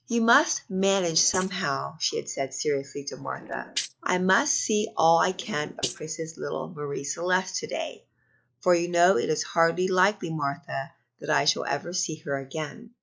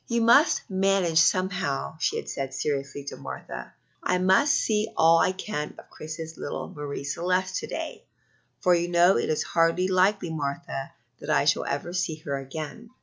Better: second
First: noise reduction (neural mask model Resemble Enhance denoiser)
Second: none

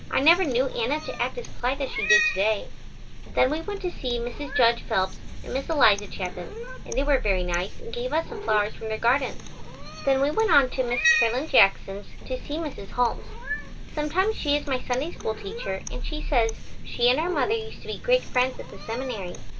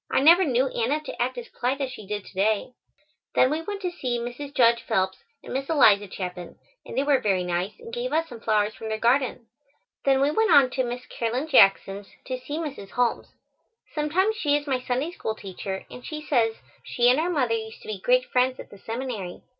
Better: second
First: background sound (Cat); 4 dB below the speech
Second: none

